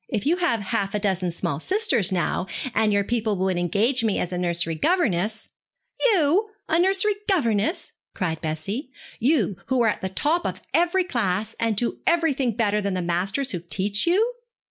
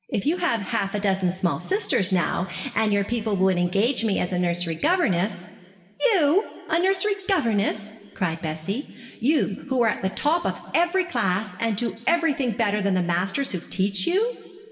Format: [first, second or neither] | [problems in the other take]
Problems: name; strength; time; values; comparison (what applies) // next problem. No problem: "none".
first | room echo; dies away in 1.8 s